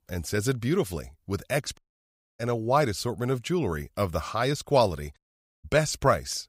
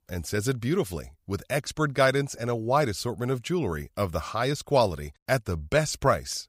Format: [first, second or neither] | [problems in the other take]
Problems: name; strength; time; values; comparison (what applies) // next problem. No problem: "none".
second | audio cutting out; at 2 s for 0.5 s and at 5 s